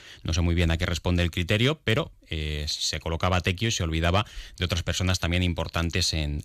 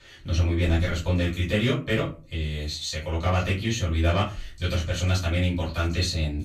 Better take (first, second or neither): first